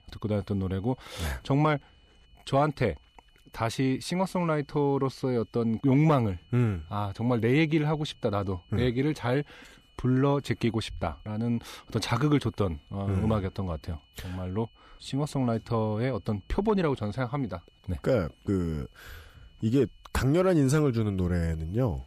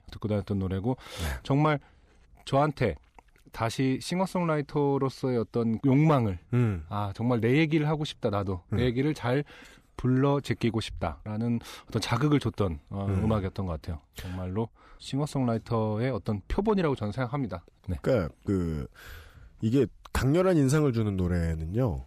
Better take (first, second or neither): second